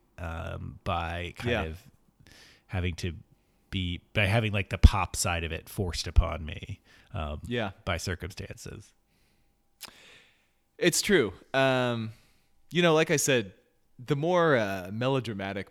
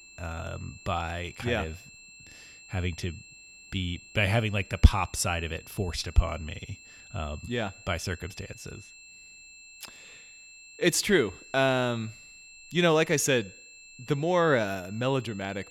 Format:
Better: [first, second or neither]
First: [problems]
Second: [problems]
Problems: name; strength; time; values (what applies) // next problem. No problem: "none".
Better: first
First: none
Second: high-pitched whine; noticeable; throughout; 2.5 kHz, 20 dB below the speech